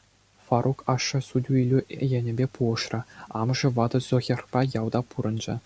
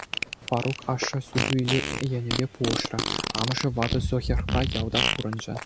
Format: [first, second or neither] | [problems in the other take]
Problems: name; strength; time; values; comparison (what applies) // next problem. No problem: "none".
first | background sound (Fart); 1 dB below the speech